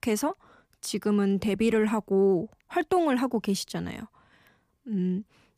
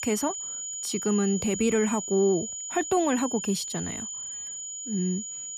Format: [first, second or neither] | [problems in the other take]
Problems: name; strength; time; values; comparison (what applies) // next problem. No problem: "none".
first | high-pitched whine; loud; throughout; 7 kHz, 5 dB below the speech